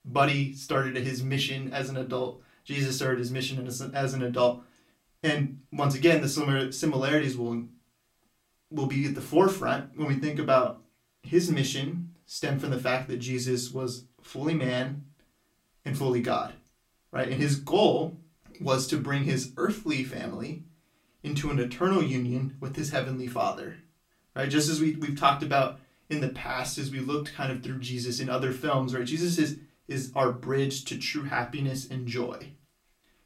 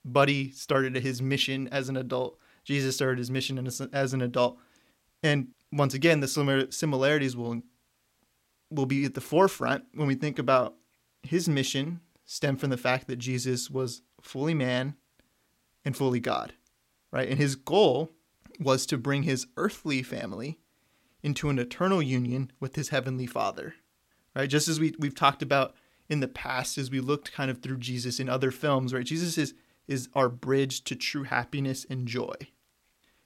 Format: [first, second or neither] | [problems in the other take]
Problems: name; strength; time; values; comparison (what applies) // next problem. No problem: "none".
second | off-mic speech; far // room echo; very slight; dies away in 0.2 s